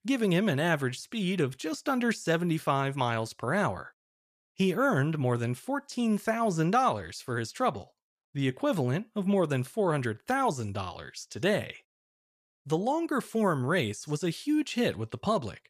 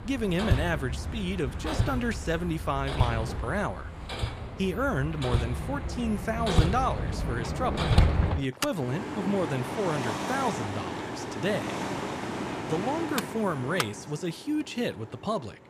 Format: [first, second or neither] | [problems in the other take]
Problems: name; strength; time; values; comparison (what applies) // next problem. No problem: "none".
first | machinery noise; loud; throughout; 1 dB below the speech